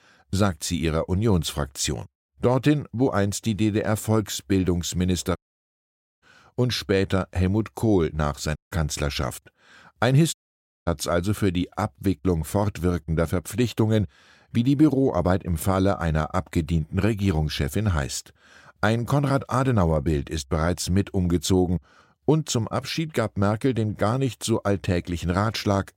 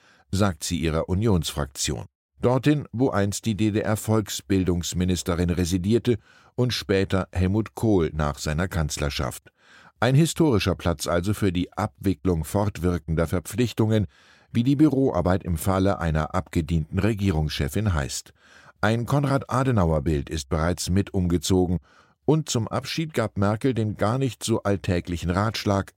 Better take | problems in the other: second | audio cutting out; at 5.5 s for 1 s, at 8.5 s and at 10 s for 0.5 s

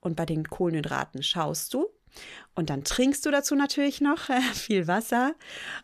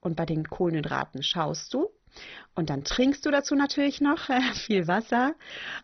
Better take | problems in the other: first | garbled, watery; badly; nothing above 6 kHz

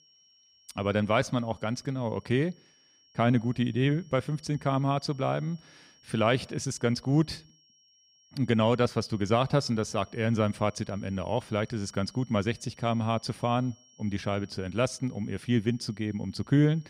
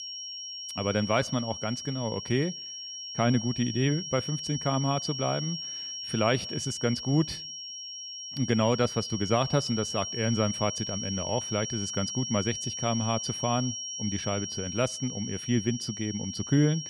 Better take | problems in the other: first | high-pitched whine; loud; throughout; 5.5 kHz, 5 dB below the speech; faint in the first

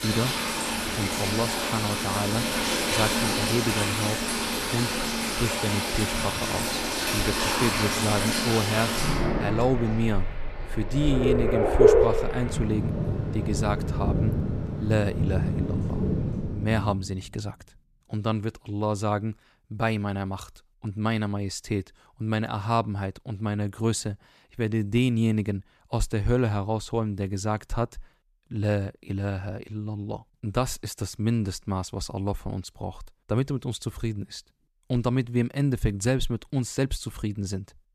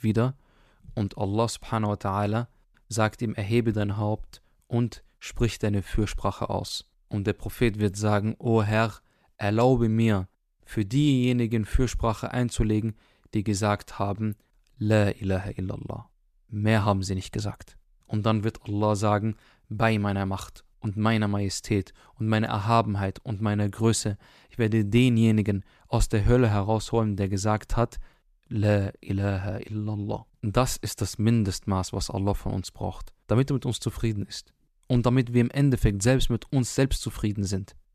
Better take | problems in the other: second | rain or running water; very loud; until 16 s; 3 dB above the speech

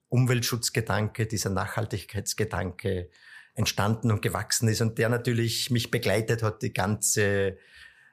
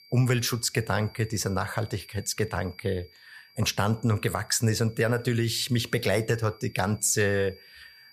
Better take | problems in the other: first | high-pitched whine; faint; throughout; 4.5 kHz, 25 dB below the speech

